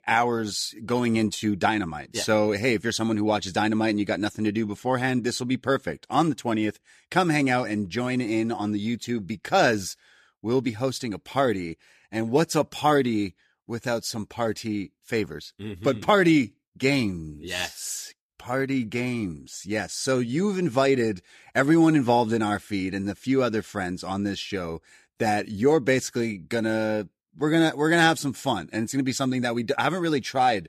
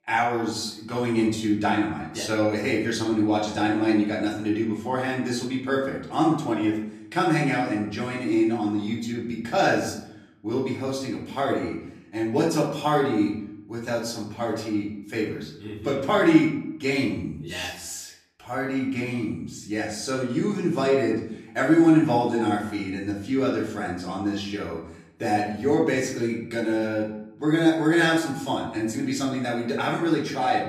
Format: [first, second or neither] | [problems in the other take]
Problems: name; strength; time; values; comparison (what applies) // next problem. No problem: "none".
first | off-mic speech; far // room echo; slight; dies away in 0.7 s